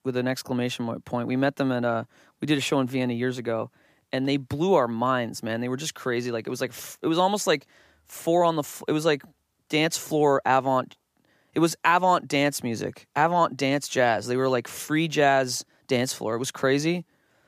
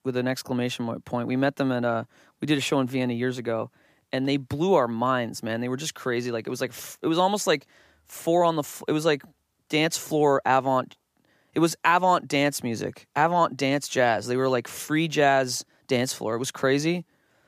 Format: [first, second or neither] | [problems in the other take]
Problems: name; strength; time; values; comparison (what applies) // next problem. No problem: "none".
neither | none